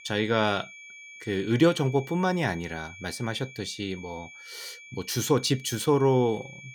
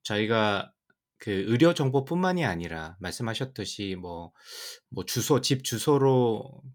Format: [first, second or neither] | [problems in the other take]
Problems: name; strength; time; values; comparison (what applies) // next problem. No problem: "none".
second | high-pitched whine; noticeable; throughout; 2.5 kHz, 20 dB below the speech